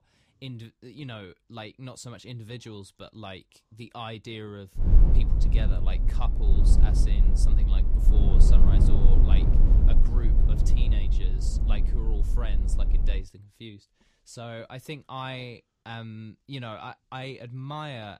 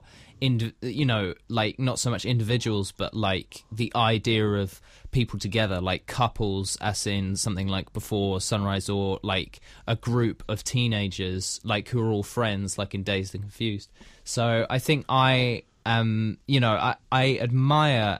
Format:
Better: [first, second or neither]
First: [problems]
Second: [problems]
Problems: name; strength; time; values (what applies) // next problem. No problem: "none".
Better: second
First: low rumble; loud; from 5 to 13 s; 1 dB below the speech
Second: none